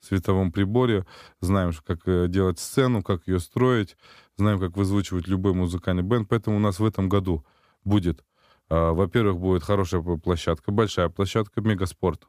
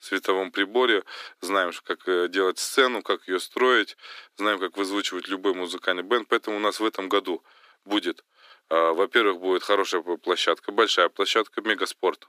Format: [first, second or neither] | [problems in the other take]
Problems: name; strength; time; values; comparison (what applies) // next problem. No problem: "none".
first | thin; very; fading below 300 Hz